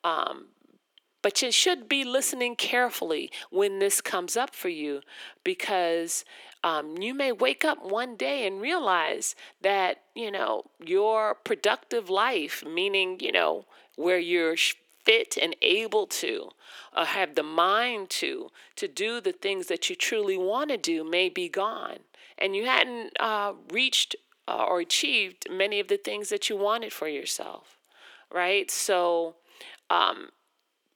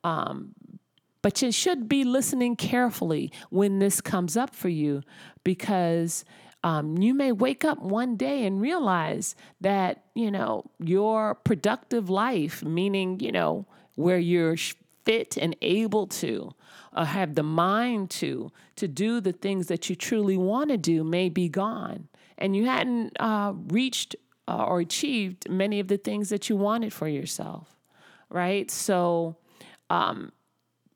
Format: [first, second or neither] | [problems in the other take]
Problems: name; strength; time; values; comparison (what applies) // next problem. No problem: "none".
second | thin; very; fading below 400 Hz